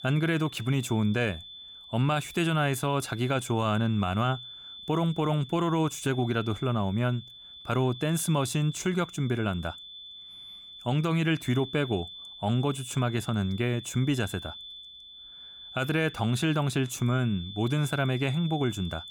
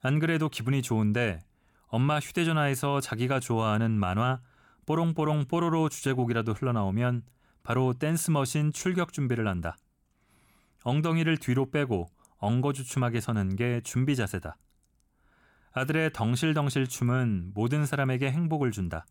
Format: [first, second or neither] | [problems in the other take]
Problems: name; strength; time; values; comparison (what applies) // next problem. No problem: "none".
second | high-pitched whine; noticeable; throughout; 3.5 kHz, 15 dB below the speech